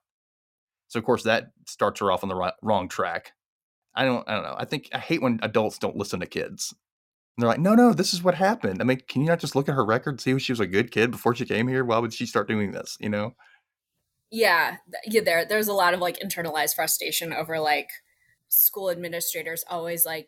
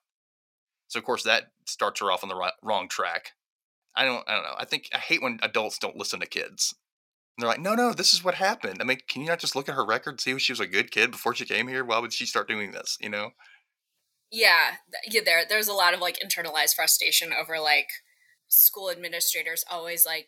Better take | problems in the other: first | thin; somewhat; fading below 1 kHz

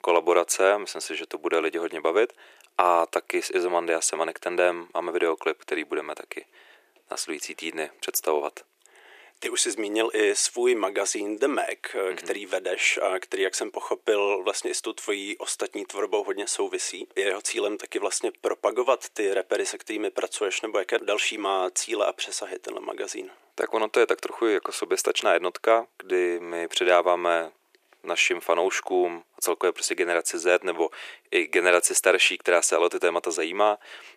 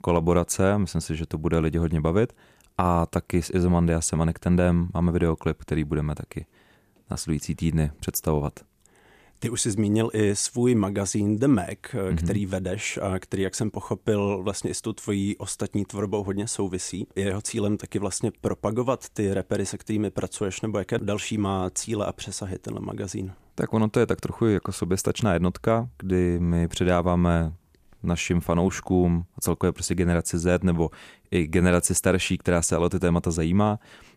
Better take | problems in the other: second | thin; very; fading below 350 Hz

